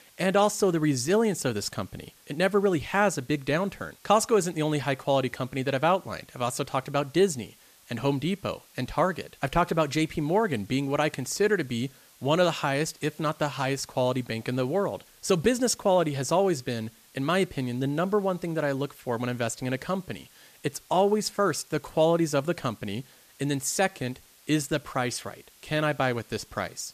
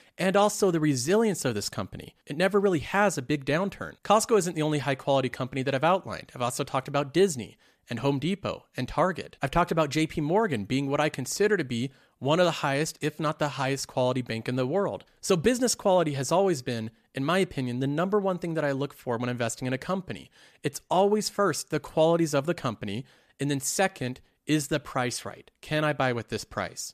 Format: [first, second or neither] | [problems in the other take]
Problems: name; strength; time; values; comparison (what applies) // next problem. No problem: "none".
second | hiss; faint; throughout; 25 dB below the speech